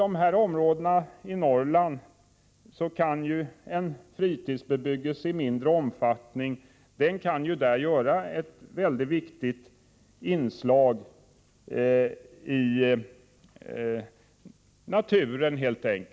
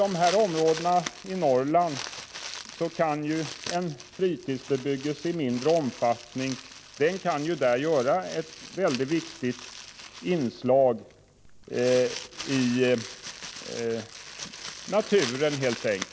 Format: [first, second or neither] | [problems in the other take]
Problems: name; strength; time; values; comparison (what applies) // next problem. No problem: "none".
first | background sound (Crumpling, crinkling); 13 dB below the speech